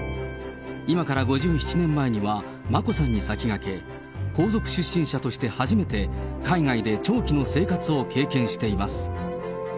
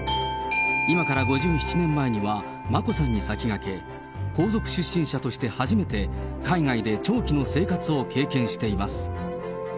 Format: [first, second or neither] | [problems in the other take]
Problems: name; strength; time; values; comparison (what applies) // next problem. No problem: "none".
first | background sound (Bell / Doorbell); 9 dB below the speech